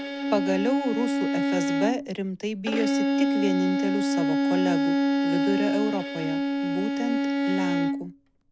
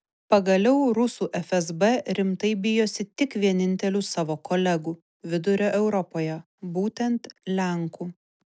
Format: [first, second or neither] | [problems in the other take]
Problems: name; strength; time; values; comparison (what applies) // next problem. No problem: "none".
second | background sound (Bowed string instrument); 5 dB above the speech